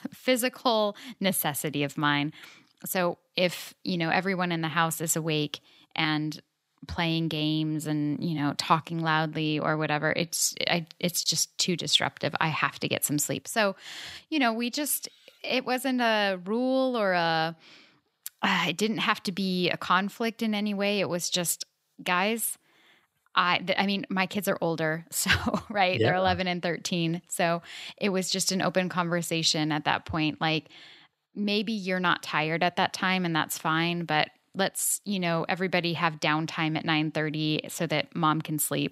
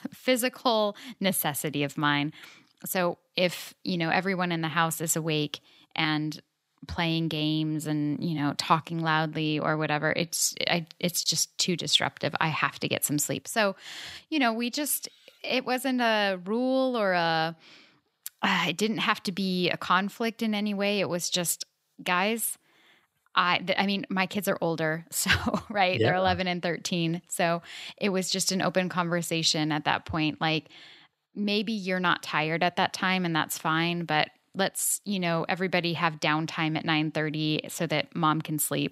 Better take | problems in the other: neither | none

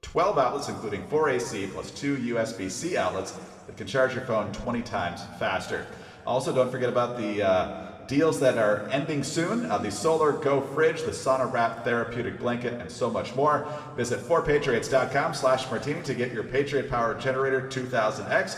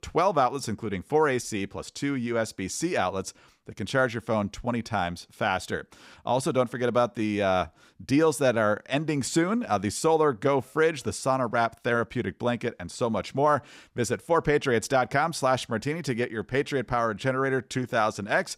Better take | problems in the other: second | room echo; slight; dies away in 1.7 s // off-mic speech; somewhat distant

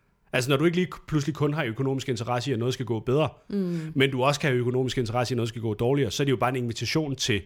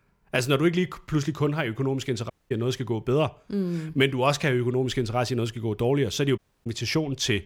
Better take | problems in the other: first | audio cutting out; at 2.5 s and at 6.5 s

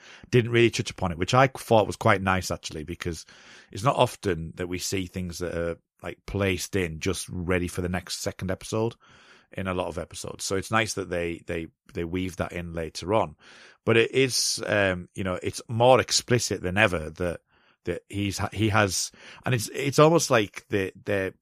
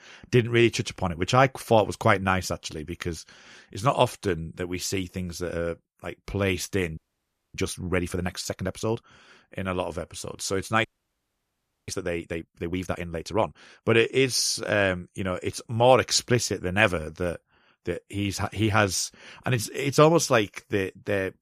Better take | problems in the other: first | audio freezing; at 7 s for 0.5 s and at 11 s for 1 s

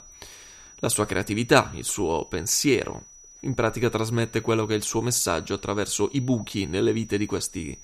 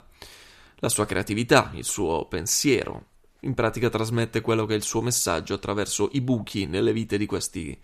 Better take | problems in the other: second | high-pitched whine; faint; throughout; 6 kHz, 20 dB below the speech

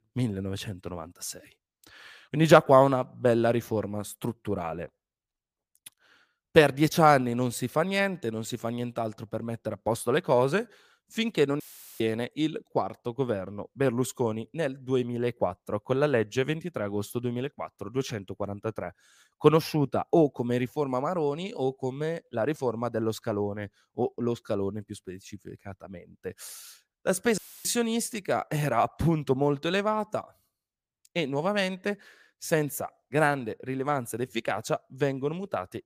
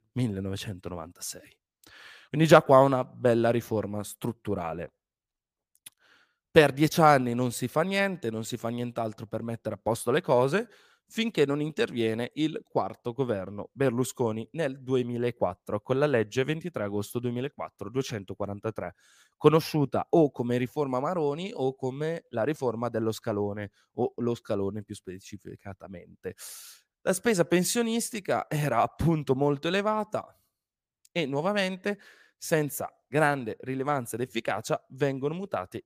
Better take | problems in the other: second | audio cutting out; filled with static; at 12 s and at 27 s

